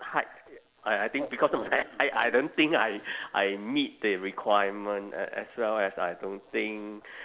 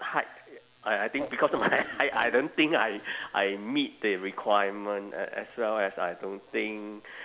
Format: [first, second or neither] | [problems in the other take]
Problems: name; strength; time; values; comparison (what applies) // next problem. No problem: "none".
second | noise reduction (neural separator model SepFormer DNS4)